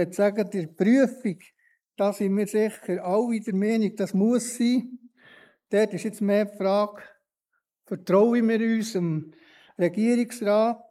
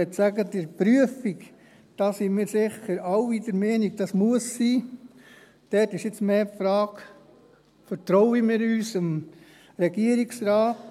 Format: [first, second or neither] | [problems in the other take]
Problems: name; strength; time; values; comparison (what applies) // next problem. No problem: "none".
second | noise reduction (neural mask model Resemble Enhance denoiser)